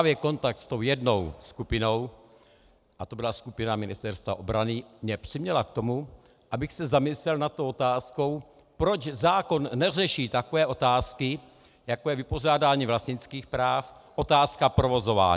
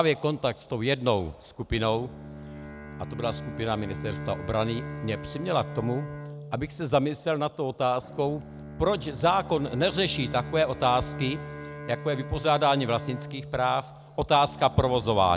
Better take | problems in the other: first | background sound (Bowed string instrument + Bowed string instrument); 12 dB below the speech

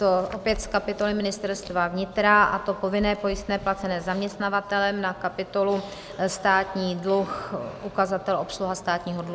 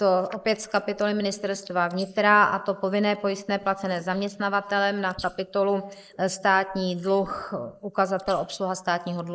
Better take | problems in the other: first | noise reduction (neural mask model Resemble Enhance denoiser)

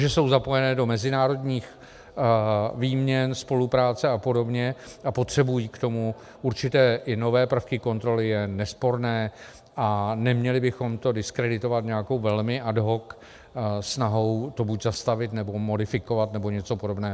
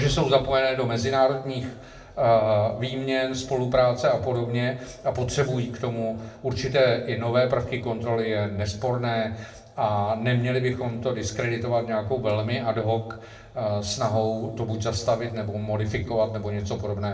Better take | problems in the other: first | room echo; dies away in 0.6 s

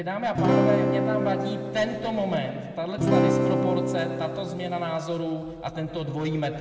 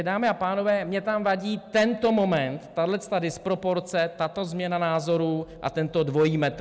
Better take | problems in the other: second | background sound (Acoustic guitar / Strum); 4 dB above the speech // room echo; dies away in 1.9 s

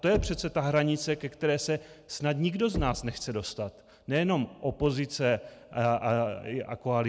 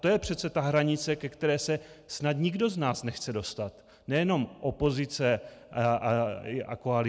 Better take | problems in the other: second | background sound (Knock); 13 dB below the speech

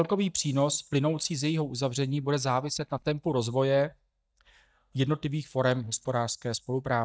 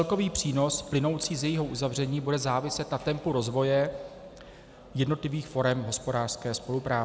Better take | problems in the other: second | noise reduction (neural mask model DeepFilterNet 3)

